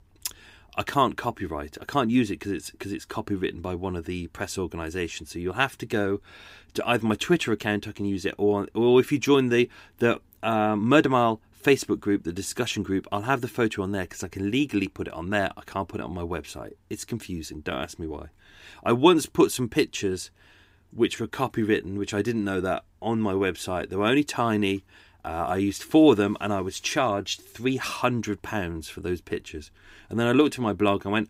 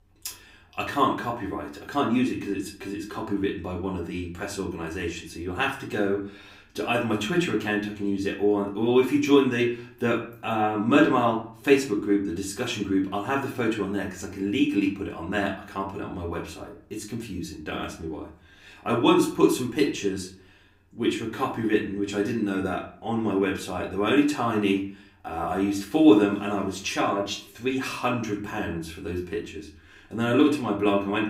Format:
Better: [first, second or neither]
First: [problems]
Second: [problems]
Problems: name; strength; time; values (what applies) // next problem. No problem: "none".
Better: first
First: none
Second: room echo; slight; dies away in 0.4 s // off-mic speech; far